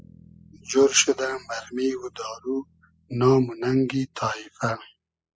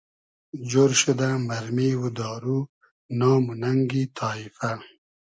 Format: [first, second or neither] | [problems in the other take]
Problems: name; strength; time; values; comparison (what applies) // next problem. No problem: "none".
second | noise reduction (classical method spectral subtraction)